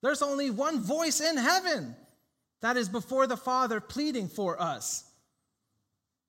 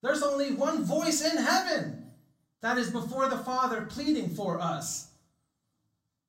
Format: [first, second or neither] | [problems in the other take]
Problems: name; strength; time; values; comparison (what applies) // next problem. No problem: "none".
first | room echo; very slight; dies away in 0.4 s // off-mic speech; far